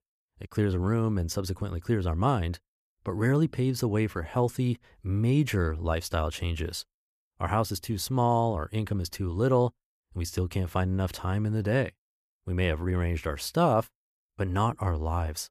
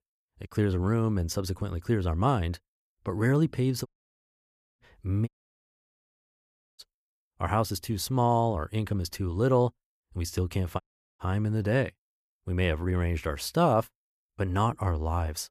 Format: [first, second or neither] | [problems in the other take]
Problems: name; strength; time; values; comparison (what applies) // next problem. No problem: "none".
first | audio cutting out; at 4 s for 1 s, at 5.5 s for 1.5 s and at 11 s